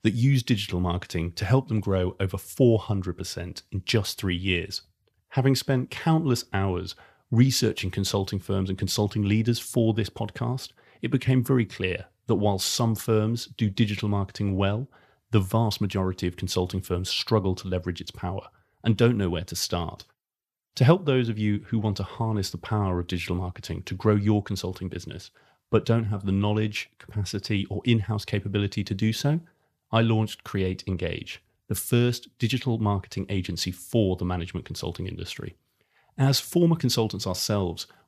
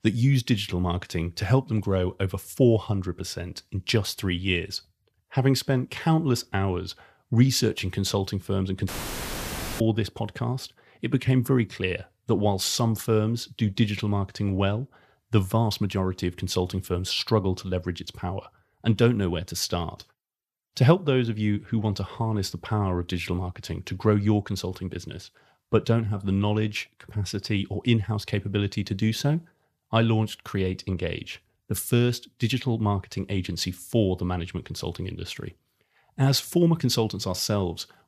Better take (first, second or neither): first